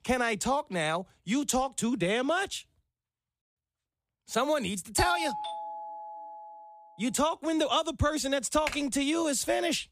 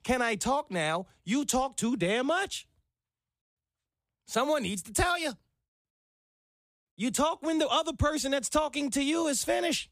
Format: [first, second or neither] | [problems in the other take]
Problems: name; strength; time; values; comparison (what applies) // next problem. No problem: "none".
second | doorbell; noticeable; from 5 to 6.5 s; peak 3 dB below the speech // keyboard typing; noticeable; at 8.5 s; peak 8 dB below the speech